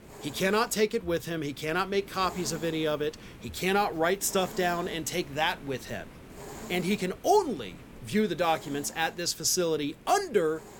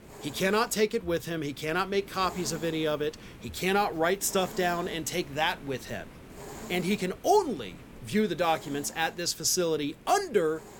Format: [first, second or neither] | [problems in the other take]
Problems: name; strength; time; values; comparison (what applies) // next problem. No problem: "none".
neither | hiss; noticeable; throughout; 20 dB below the speech; the same in both